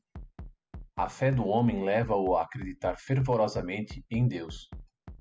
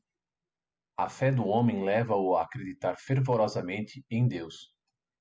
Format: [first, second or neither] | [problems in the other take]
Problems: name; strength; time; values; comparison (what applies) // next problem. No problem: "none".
second | background sound (Bass drum); 16 dB below the speech